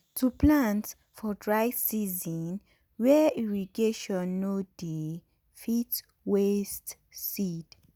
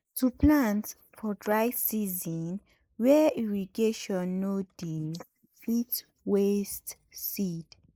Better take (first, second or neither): first